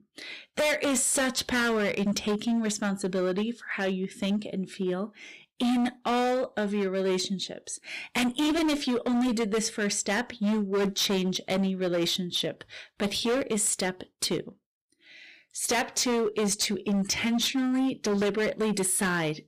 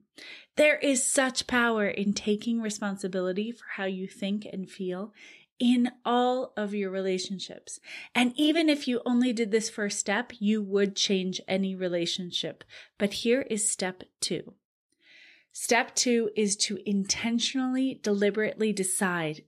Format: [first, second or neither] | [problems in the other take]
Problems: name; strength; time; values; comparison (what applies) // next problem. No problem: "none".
second | distortion; heavy; 18% of the sound clipped